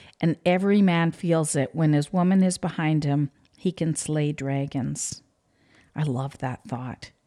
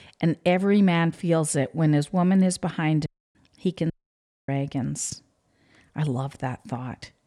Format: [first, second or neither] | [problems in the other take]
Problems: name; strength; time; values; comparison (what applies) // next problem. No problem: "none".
first | audio cutting out; at 3 s and at 4 s for 0.5 s